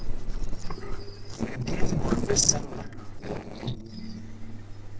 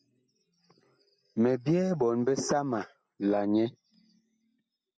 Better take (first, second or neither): second